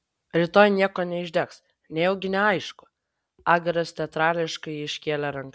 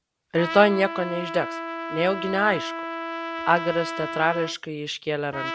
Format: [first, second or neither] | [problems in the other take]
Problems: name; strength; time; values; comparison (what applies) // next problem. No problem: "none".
first | background sound (Trumpet); 8 dB below the speech